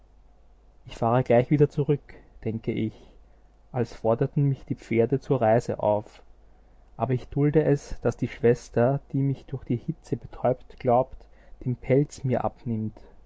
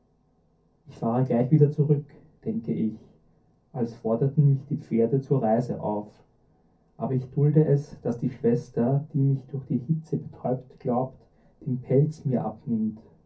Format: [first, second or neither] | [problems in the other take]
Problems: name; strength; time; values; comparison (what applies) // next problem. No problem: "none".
first | room echo; dies away in 0.3 s